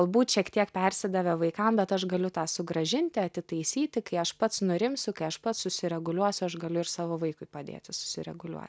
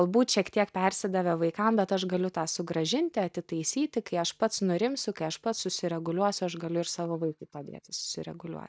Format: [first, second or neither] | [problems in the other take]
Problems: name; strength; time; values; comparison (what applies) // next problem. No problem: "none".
first | noise reduction (neural mask model DeepFilterNet 3)